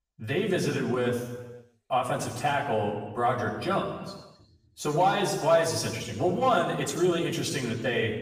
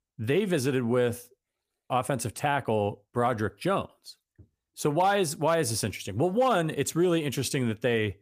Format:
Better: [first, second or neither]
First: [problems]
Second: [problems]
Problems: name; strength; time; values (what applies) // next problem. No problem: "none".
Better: second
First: room echo; noticeable; dies away in 1.1 s // off-mic speech; far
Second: none